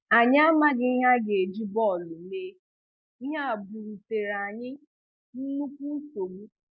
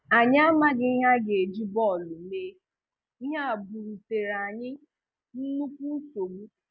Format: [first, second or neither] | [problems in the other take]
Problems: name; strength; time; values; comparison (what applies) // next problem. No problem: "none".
second | noise reduction (neural mask model Resemble Enhance denoiser)